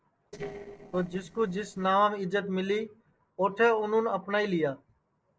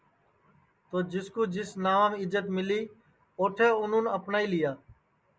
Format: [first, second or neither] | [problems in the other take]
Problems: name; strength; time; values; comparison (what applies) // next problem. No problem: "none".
second | noise reduction (neural separator model SepFormer DNS4)